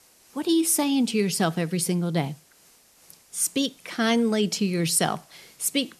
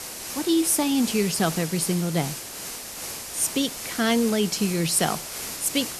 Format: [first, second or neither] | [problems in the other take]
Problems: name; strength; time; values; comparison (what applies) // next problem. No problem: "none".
first | hiss; loud; throughout; 8 dB below the speech; faint in the first